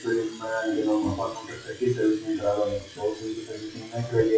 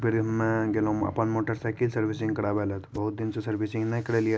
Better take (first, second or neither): second